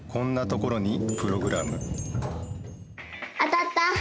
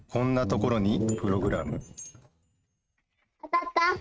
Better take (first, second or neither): first